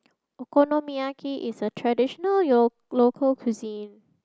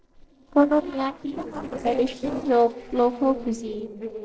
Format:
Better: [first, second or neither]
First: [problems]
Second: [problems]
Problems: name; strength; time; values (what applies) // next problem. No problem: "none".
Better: first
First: none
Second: noise reduction (neural separator model SepFormer DNS4)